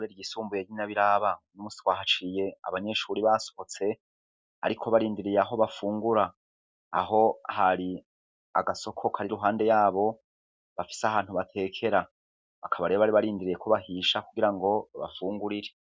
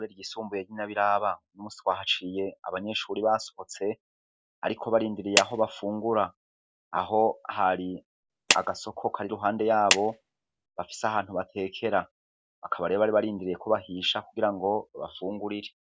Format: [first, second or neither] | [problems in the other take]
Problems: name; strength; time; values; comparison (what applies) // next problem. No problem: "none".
first | background sound (Clapping); 2 dB below the speech